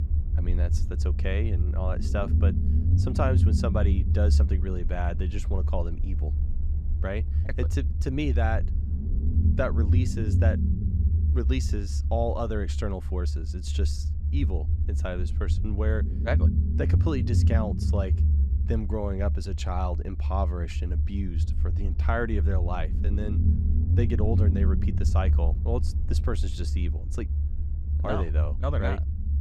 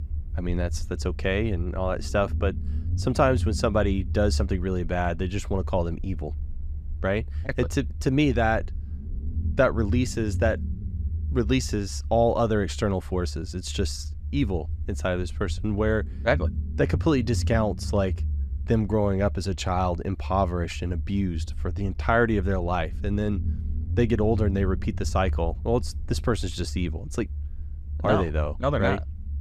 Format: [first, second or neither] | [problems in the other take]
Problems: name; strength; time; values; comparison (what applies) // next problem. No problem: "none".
second | low rumble; loud; throughout; 7 dB below the speech; faint in the second